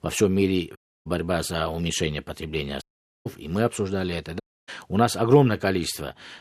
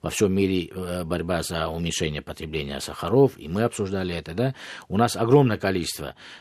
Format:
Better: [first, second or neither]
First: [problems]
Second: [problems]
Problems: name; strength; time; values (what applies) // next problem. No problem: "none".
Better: second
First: audio cutting out; at 1 s, at 3 s and at 4.5 s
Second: none